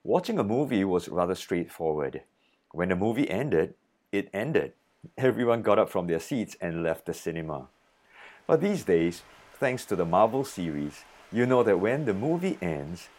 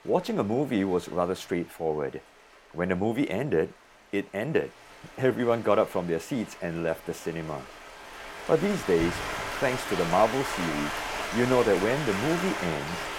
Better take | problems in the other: first | rain or running water; loud; throughout; 5 dB below the speech; faint in the first

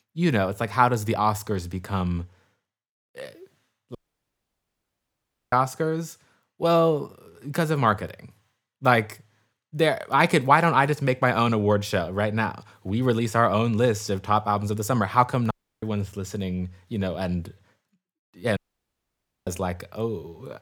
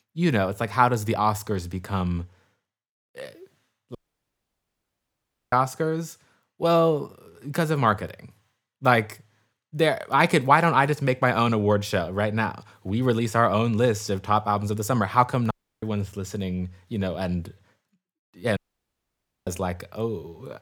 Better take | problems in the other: neither | audio cutting out; at 4 s for 1.5 s, at 16 s and at 19 s for 1 s; the same in both

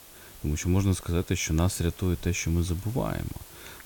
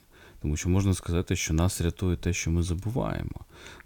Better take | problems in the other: second | hiss; noticeable; throughout; 20 dB below the speech

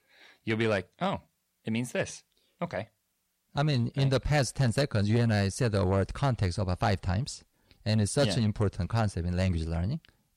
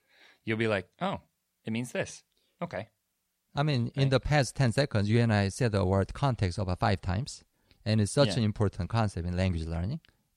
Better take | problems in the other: second | distortion; slight; 10 dB below the speech

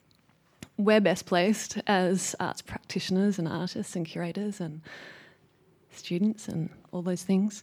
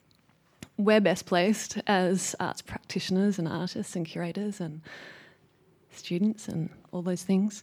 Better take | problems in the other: neither | none

